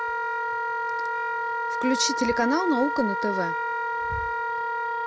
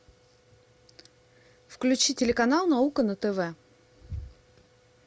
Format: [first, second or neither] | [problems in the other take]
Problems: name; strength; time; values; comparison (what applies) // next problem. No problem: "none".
second | background sound (Wind instrument, woodwind instrument); 2 dB above the speech